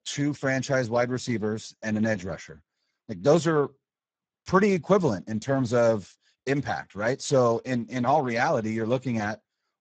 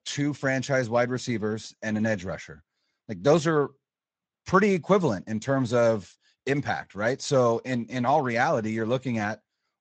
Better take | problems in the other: second | garbled, watery; badly; nothing above 7.5 kHz; slightly in the second

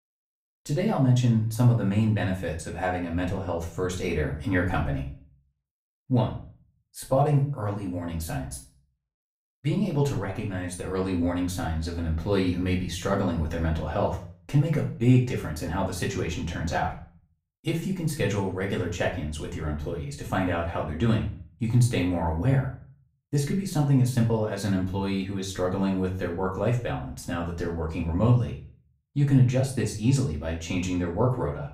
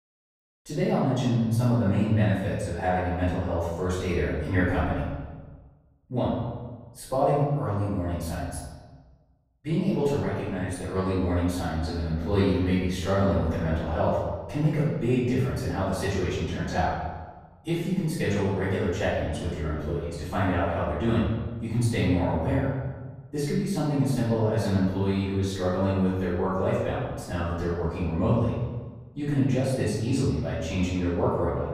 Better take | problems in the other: first | room echo; strong; dies away in 1.2 s; slight in the first // off-mic speech; far; far in the first

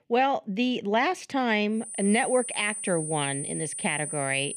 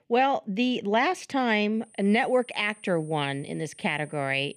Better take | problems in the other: second | high-pitched whine; loud; from 2 s on; 9.5 kHz, 6 dB below the speech; faint in the second

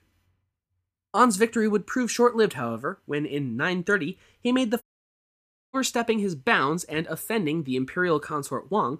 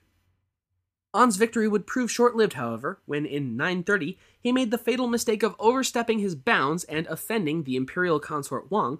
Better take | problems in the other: second | audio cutting out; at 5 s for 1 s

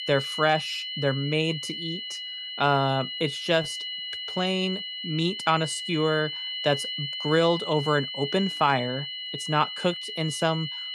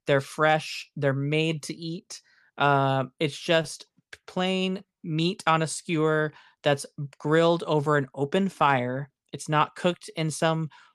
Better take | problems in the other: second | high-pitched whine; loud; throughout; 3 kHz, 5 dB below the speech

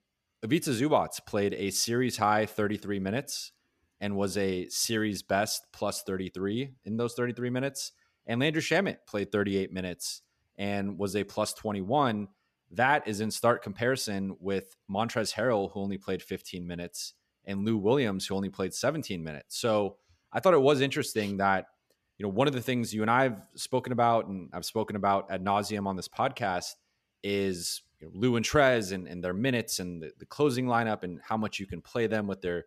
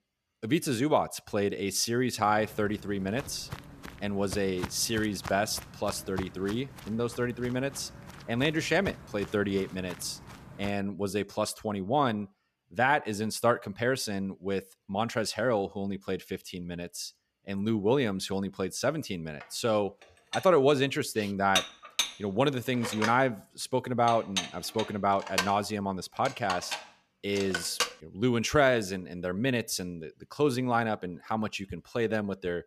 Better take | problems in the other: first | footsteps; noticeable; from 2.5 to 11 s; peak 9 dB below the speech // clattering dishes; loud; from 20 to 28 s; peak level with the speech

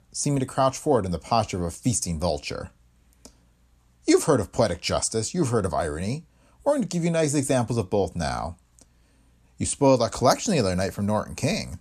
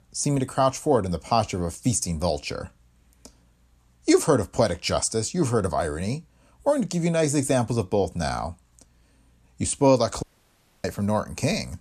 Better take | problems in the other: first | audio cutting out; at 10 s for 0.5 s

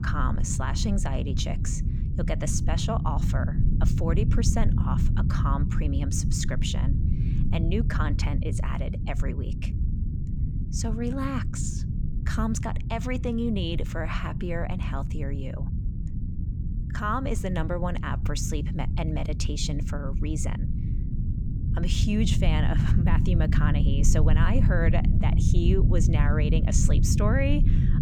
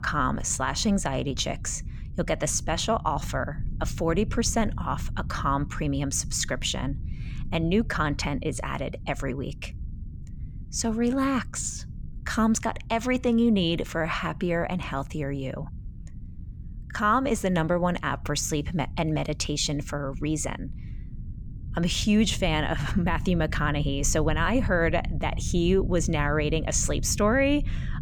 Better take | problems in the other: second | low rumble; loud; throughout; 6 dB below the speech; faint in the second

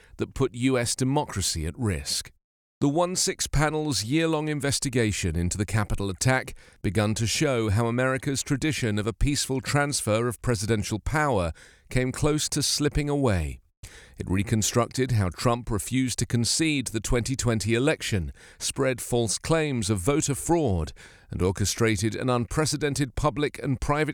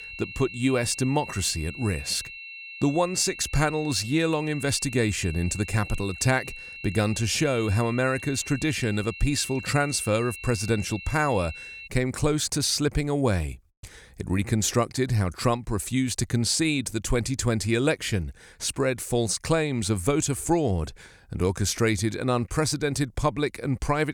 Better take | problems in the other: first | high-pitched whine; noticeable; until 12 s; 2.5 kHz, 10 dB below the speech

